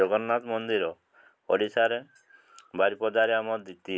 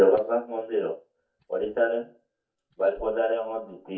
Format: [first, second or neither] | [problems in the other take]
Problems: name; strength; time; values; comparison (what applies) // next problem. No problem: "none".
first | noise reduction (neural mask model DeepFilterNet 3)